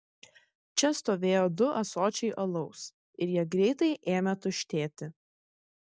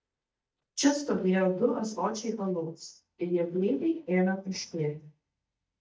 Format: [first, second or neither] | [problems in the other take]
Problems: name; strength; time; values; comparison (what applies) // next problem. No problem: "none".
first | noise reduction (neural mask model DeepFilterNet 3)